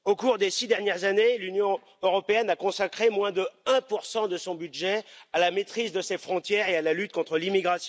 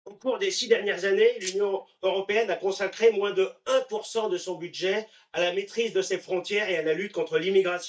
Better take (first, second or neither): first